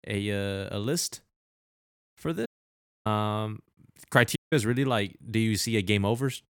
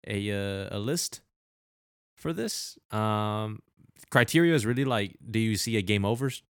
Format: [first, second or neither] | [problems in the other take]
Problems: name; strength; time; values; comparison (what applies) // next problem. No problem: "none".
second | audio cutting out; at 2.5 s for 0.5 s and at 4.5 s